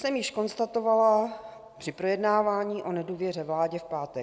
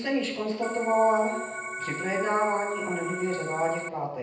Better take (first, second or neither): first